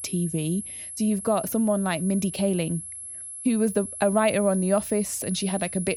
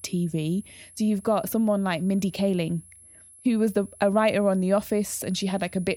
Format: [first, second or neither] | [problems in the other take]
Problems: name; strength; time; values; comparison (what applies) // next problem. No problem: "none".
second | high-pitched whine; loud; throughout; 11 kHz, 9 dB below the speech; faint in the second